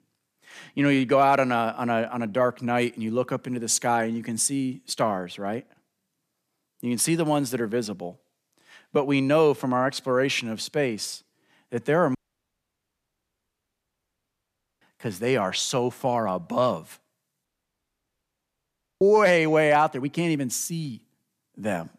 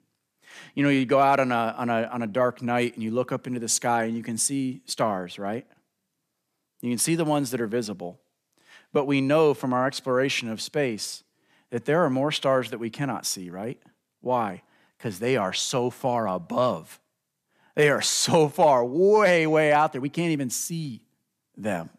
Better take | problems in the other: second | audio cutting out; at 12 s for 2.5 s and at 17 s for 1.5 s

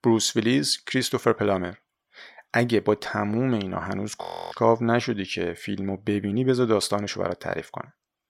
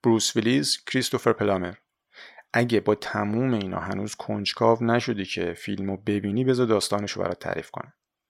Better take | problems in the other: second | audio freezing; at 4 s

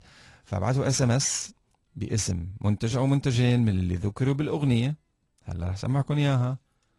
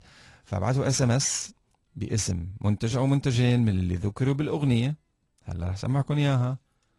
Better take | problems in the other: neither | garbled, watery; slightly; nothing above 11 kHz; the same in both

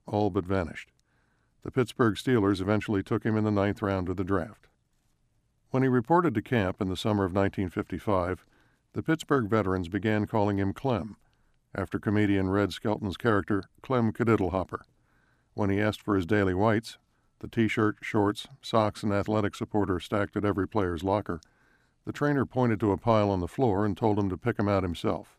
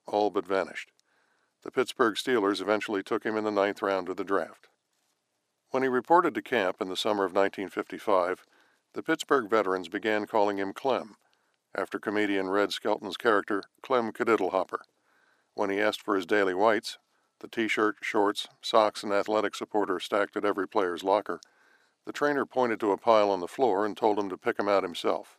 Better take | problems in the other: first | thin; somewhat; fading below 450 Hz

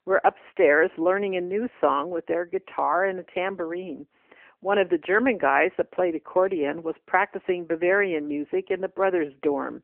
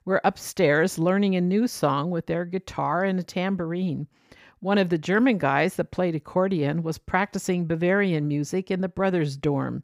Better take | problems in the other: second | phone-call audio; nothing above 3 kHz

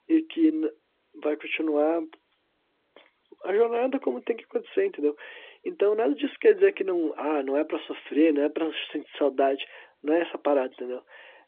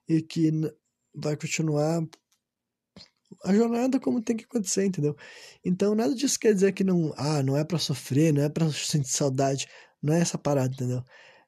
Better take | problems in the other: second | phone-call audio; nothing above 3.5 kHz

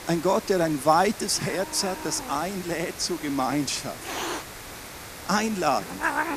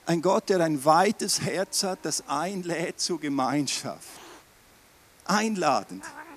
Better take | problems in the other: second | hiss; loud; throughout; 10 dB below the speech; faint in the second

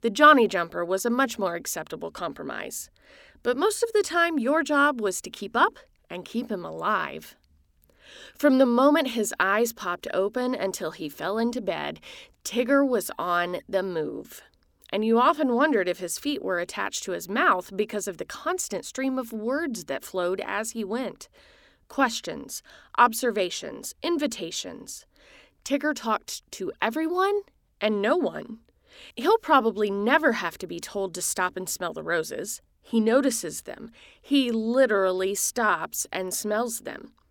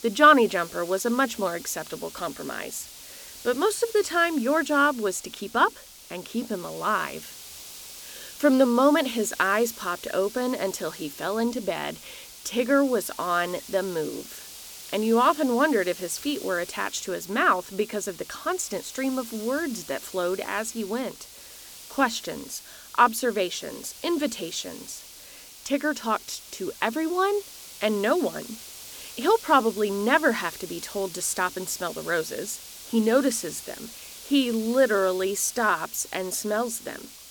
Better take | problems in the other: first | hiss; noticeable; throughout; 15 dB below the speech

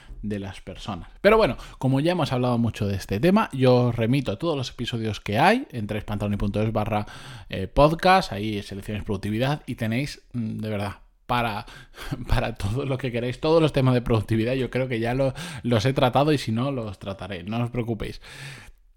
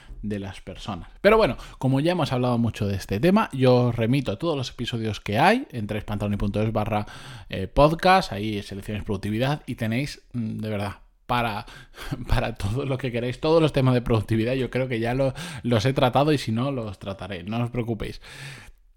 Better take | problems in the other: neither | none

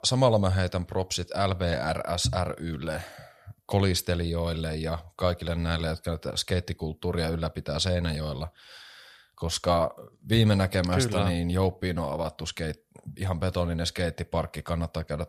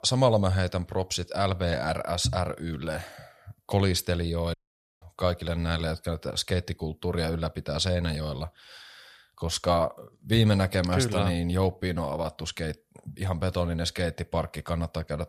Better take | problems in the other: first | audio cutting out; at 4.5 s

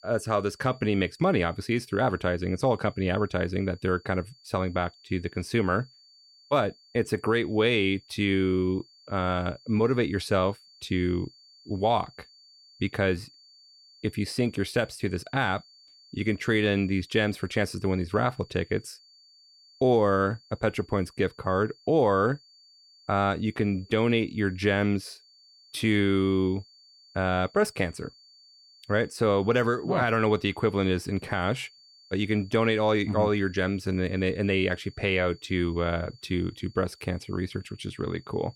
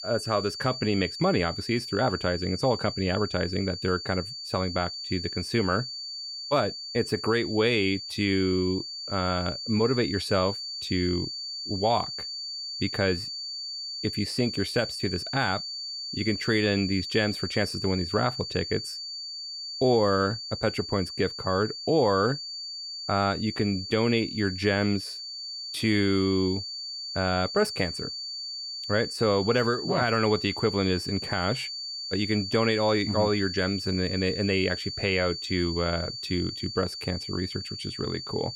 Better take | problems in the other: first | high-pitched whine; loud; throughout; 4.5 kHz, 6 dB below the speech; faint in the first

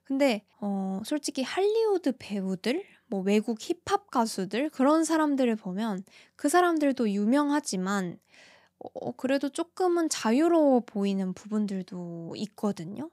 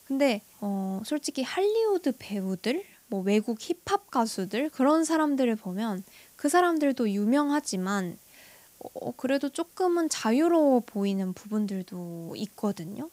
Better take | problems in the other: first | hiss; faint; throughout; 25 dB below the speech

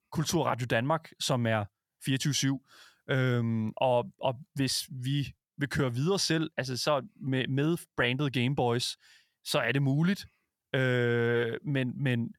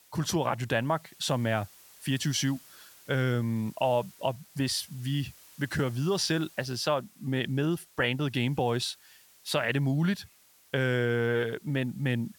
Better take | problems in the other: first | hiss; faint; throughout; 25 dB below the speech

